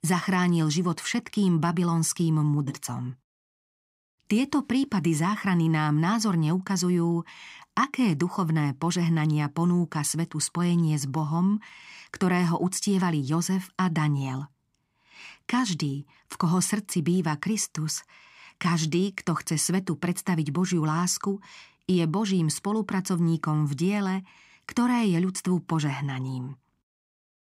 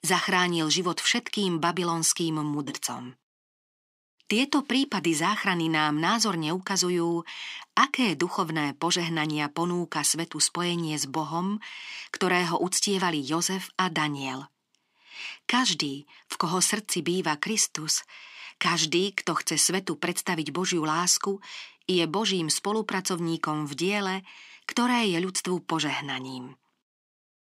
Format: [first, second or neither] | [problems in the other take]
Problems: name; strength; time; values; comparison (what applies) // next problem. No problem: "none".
first | thin; somewhat; fading below 350 Hz